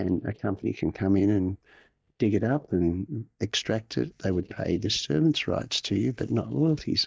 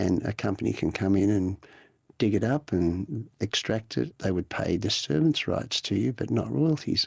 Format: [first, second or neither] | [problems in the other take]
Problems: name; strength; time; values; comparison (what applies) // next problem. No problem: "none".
second | noise reduction (neural mask model DeepFilterNet 3)